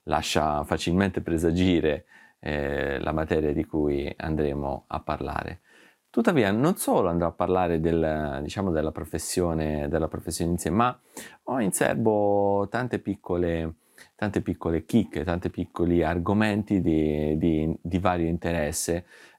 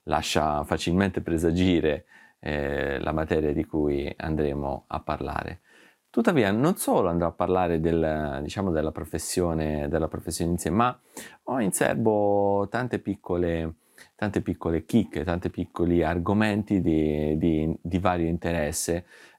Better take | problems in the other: neither | none

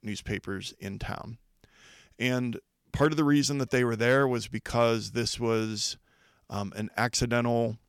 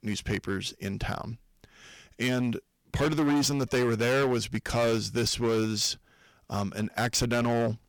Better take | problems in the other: first | distortion; heavy; 12% of the sound clipped

